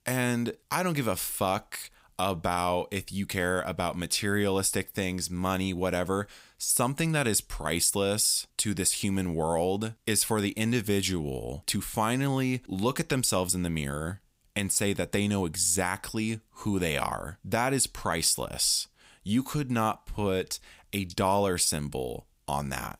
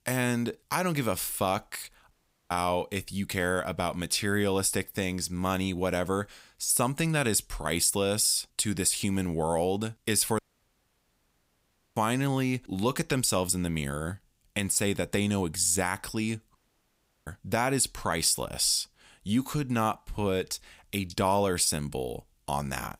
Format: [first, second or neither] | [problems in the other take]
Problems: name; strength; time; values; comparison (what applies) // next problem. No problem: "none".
first | audio cutting out; at 2 s, at 10 s for 1.5 s and at 17 s for 0.5 s